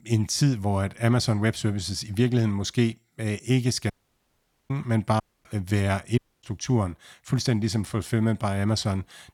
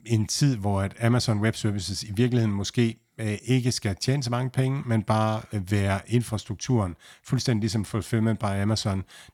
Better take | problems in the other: second | audio cutting out; at 4 s for 1 s, at 5 s and at 6 s

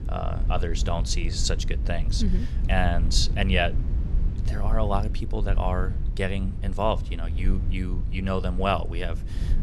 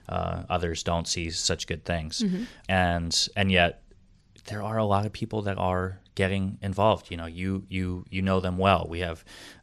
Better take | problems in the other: second | low rumble; noticeable; throughout; 15 dB below the speech

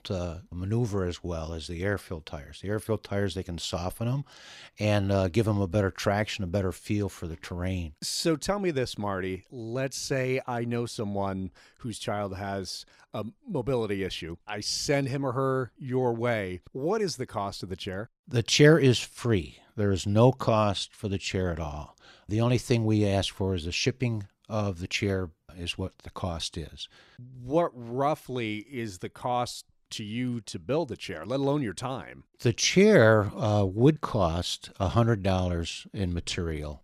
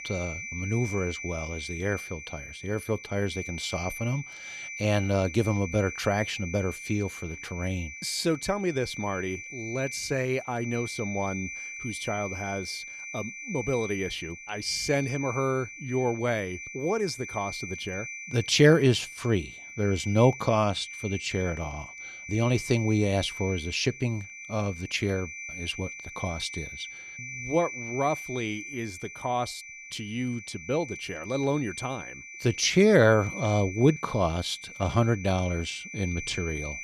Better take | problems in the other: first | high-pitched whine; loud; throughout; 2.5 kHz, 10 dB below the speech

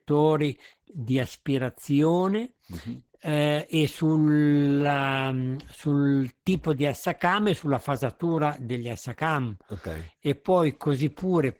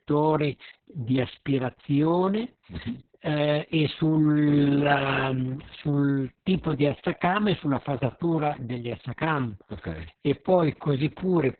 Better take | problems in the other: first | garbled, watery; badly; nothing above 4 kHz; slightly in the first

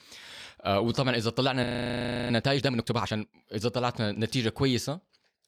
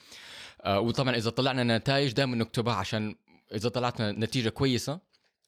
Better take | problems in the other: second | audio freezing; at 1.5 s for 0.5 s

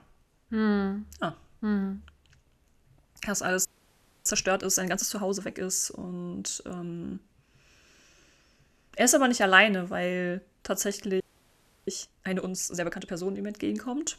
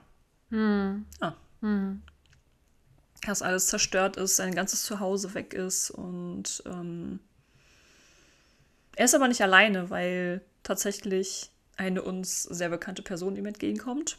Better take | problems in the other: second | audio freezing; at 3.5 s for 0.5 s and at 11 s for 0.5 s

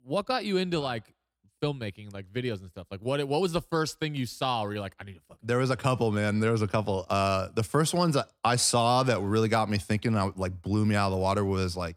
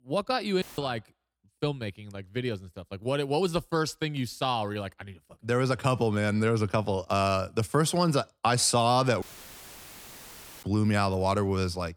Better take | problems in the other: first | audio cutting out; filled with static; at 0.5 s and at 9 s for 1.5 s

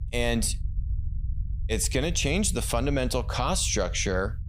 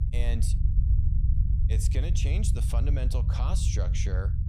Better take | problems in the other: first | low rumble; loud; throughout; 5 dB below the speech; faint in the first

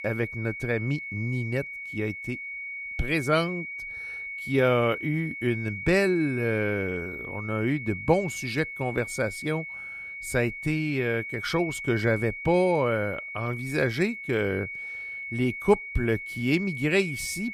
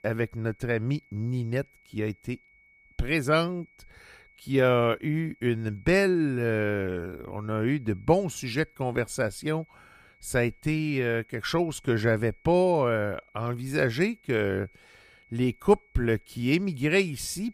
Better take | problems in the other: second | high-pitched whine; loud; throughout; 2 kHz, 7 dB below the speech; faint in the second

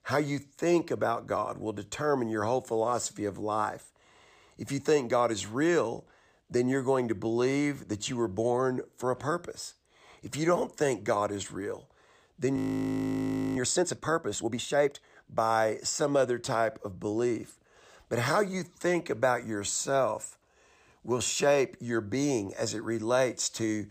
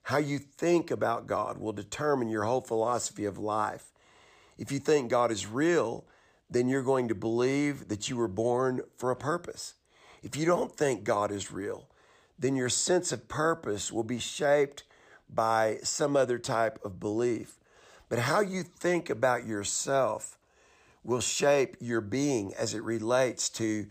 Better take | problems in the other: second | audio freezing; at 13 s for 1 s

